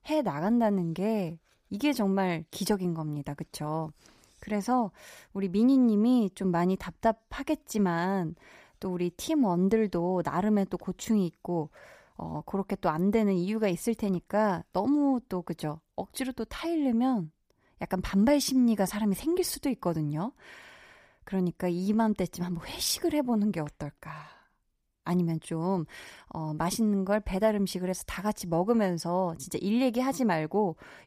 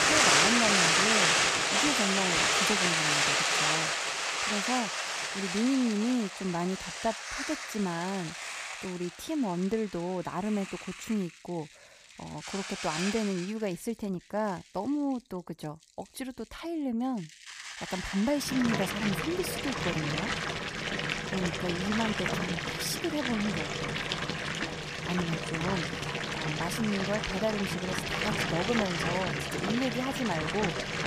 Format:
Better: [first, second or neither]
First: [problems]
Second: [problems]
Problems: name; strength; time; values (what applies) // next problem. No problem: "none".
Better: first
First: none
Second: household noises; very loud; throughout; 4 dB above the speech